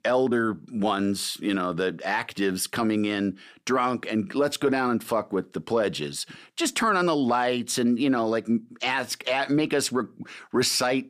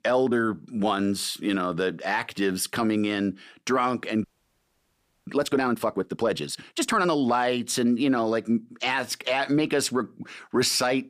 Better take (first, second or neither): first